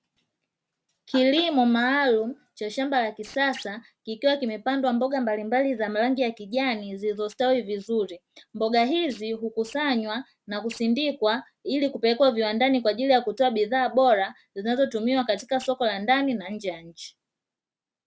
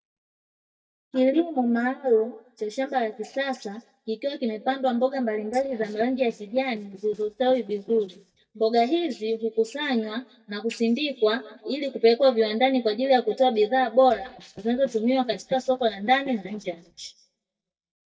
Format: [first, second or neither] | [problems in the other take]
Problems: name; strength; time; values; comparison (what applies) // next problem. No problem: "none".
first | noise reduction (neural mask model DeepFilterNet 3)